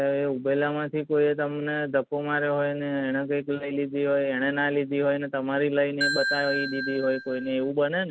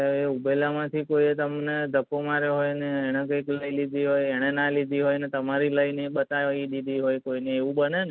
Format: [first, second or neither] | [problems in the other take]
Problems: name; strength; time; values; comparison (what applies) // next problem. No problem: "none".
second | background sound (Ringtone / Bell); 4 dB below the speech